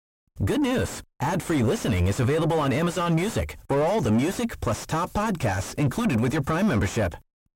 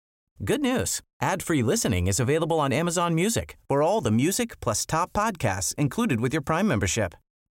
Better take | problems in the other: second | distortion; heavy; 5 dB below the speech

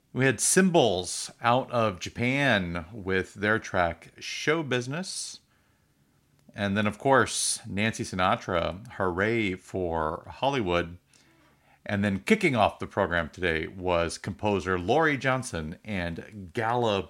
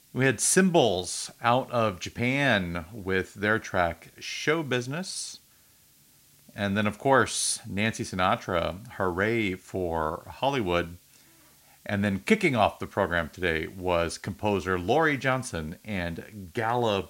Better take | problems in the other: first | hiss; faint; throughout; 30 dB below the speech

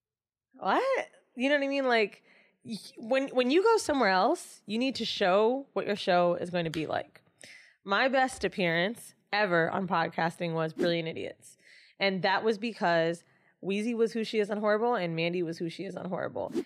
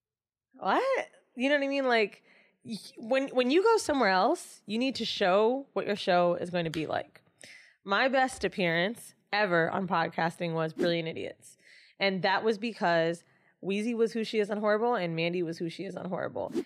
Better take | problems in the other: neither | none

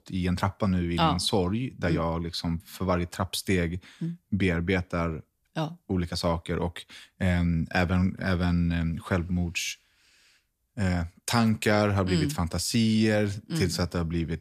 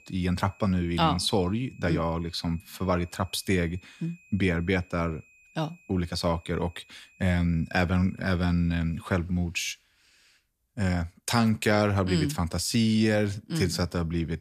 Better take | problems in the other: first | high-pitched whine; faint; until 9 s; 2.5 kHz, 30 dB below the speech

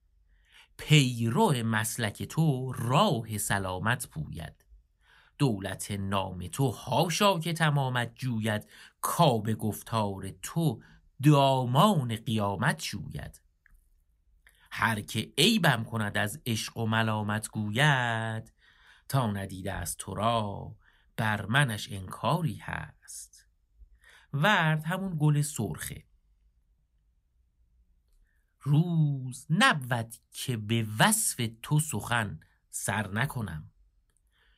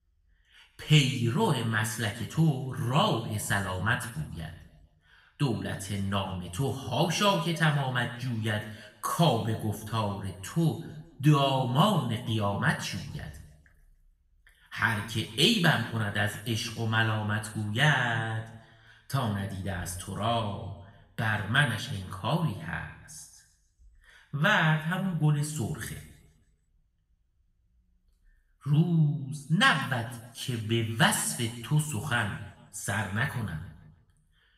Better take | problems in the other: first | room echo; noticeable; dies away in 0.9 s // off-mic speech; somewhat distant

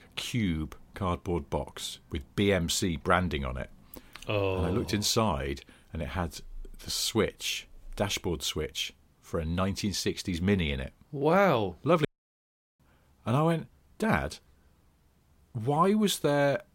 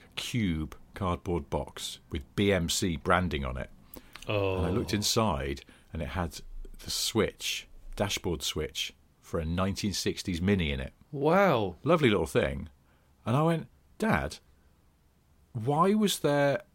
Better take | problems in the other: second | audio cutting out; at 12 s for 0.5 s

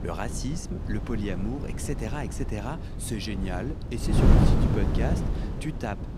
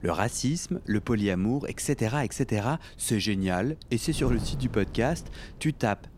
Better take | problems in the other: second | wind noise on the microphone; heavy; as loud as the speech; occasional gusts in the second

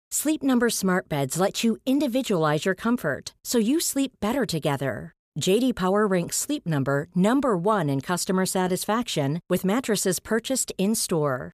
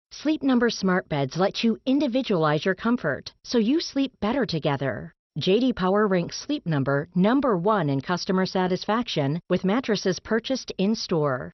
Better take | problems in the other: first | garbled, watery; slightly; nothing above 6 kHz

